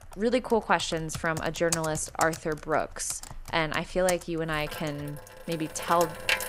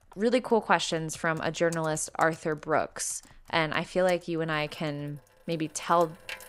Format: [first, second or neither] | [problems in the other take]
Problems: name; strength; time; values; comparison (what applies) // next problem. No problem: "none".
second | household noises; loud; throughout; 9 dB below the speech; faint in the second